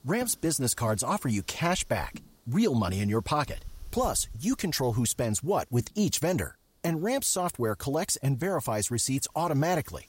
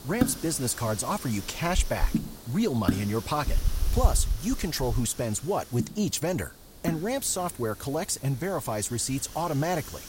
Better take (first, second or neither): first